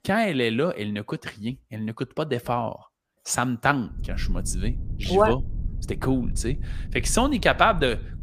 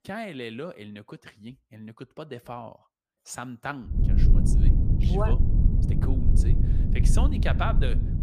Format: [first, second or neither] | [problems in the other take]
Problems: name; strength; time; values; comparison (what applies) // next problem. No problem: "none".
first | low rumble; loud; from 4 s on; 3 dB below the speech; faint in the first